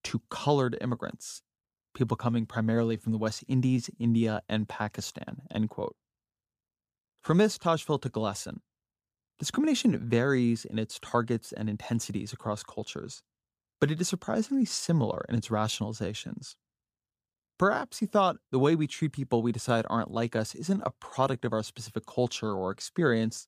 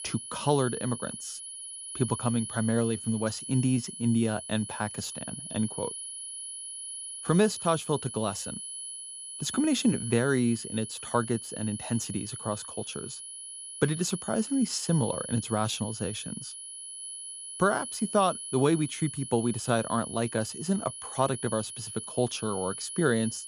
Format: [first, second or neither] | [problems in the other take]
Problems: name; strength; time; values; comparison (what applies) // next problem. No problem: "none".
first | high-pitched whine; loud; throughout; 10.5 kHz, 8 dB below the speech